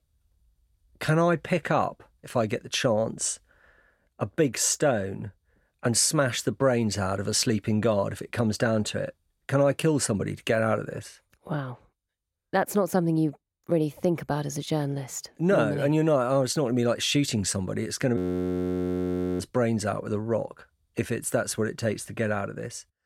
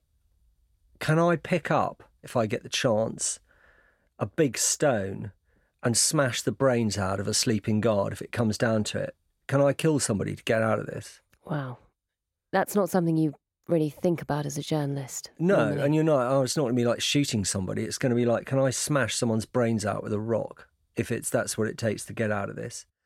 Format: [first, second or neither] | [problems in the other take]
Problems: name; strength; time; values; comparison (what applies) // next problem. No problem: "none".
second | audio freezing; at 18 s for 1 s